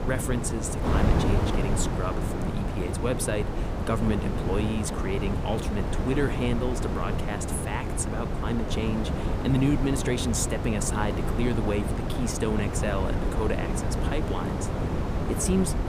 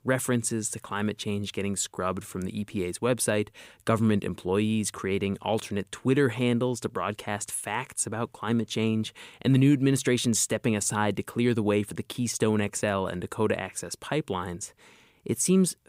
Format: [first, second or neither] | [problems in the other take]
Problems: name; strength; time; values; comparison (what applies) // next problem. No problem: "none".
second | wind noise on the microphone; heavy; 1 dB below the speech